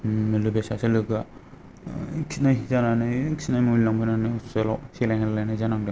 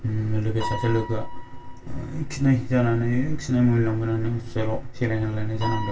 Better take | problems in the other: first | background sound (Piano); 16 dB below the speech // room echo; dies away in 0.2 s

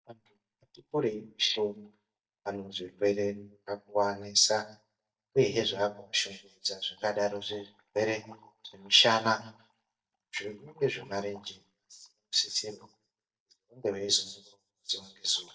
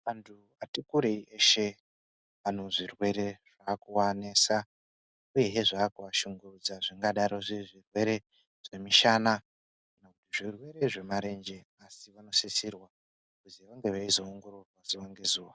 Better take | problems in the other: second | noise reduction (neural mask model DeepFilterNet 3)

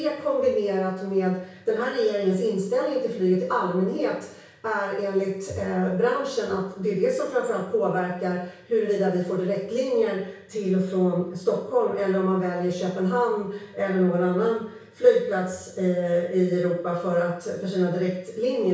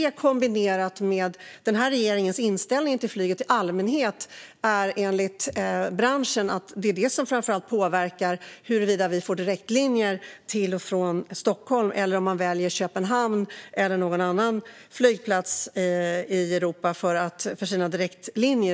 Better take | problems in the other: second | room echo; dies away in 0.6 s

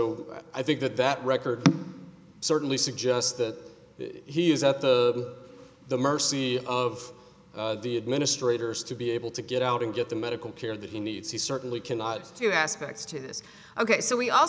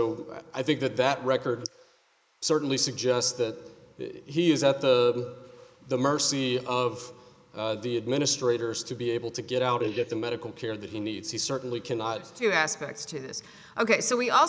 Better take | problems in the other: first | noise reduction (neural mask model Resemble Enhance denoiser)

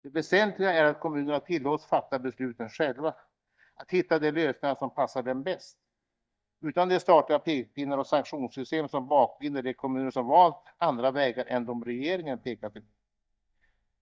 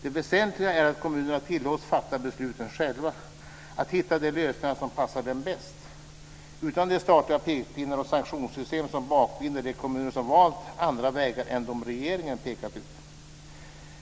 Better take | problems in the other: second | noise reduction (neural mask model DeepFilterNet 3)

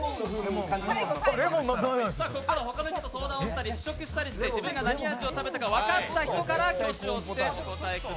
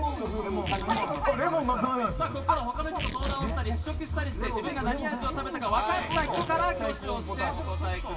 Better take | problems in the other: first | background sound (Tearing); 14 dB below the speech // room echo; dies away in 2.5 s

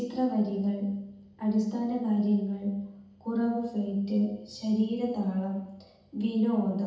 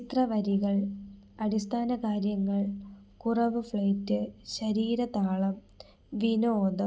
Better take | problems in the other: second | room echo; dies away in 0.8 s

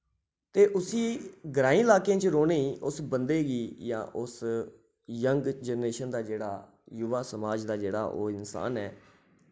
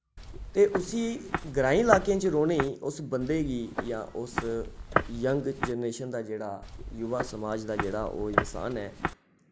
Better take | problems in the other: first | background sound (Walk, footsteps); 5 dB below the speech

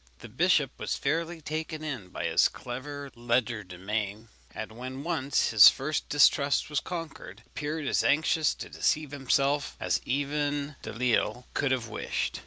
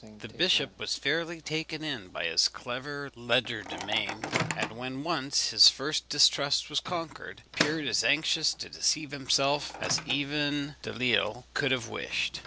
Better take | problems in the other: first | background sound (Microwave oven); 11 dB below the speech

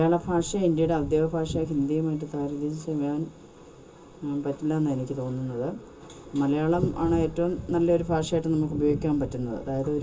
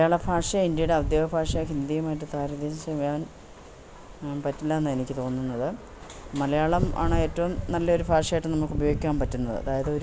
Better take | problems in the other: second | room echo; dies away in 0.2 s

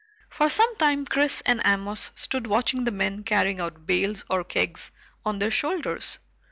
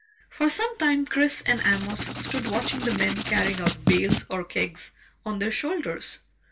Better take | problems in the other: first | background sound (Writing); 3 dB below the speech // room echo; dies away in 0.1 s

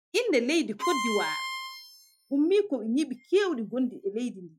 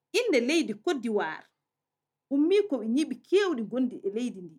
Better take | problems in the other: second | noise reduction (classical method Wiener filter)

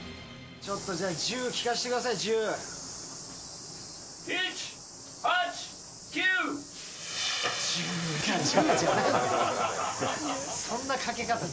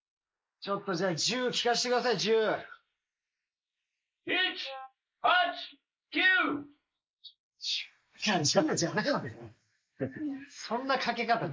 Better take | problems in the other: first | noise reduction (neural mask model Resemble Enhance denoiser)

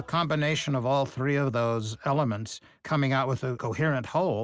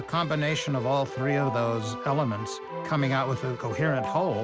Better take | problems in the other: first | background sound (Keyboard (musical)); 8 dB below the speech

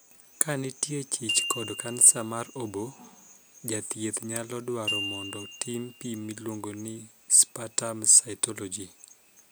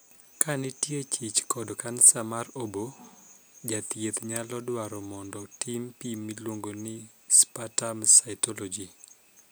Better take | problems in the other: second | background sound (Glockenspiel); 11 dB below the speech

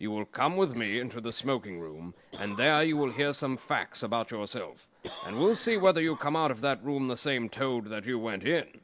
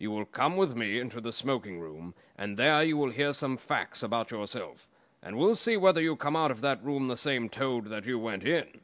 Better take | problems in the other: second | background sound (Cough); 20 dB below the speech

